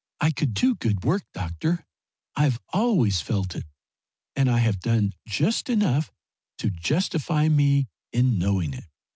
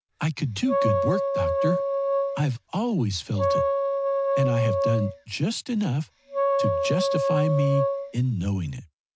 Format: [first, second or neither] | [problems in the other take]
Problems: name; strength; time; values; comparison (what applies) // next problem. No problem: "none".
first | background sound (Wind instrument, woodwind instrument); 2 dB above the speech